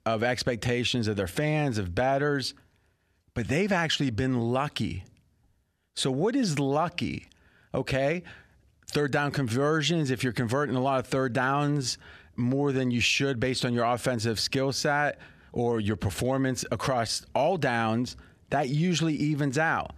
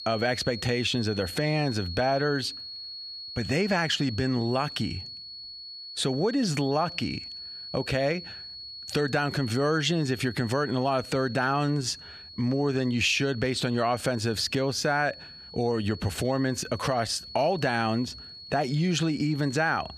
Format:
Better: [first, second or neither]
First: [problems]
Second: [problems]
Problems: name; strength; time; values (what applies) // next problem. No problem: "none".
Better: first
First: none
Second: high-pitched whine; noticeable; throughout; 4.5 kHz, 10 dB below the speech